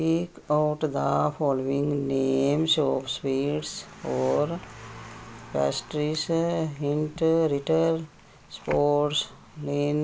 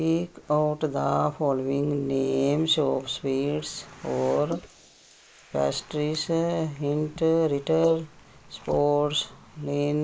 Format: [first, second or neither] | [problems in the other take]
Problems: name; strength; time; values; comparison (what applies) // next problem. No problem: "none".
first | noise reduction (neural mask model Resemble Enhance denoiser)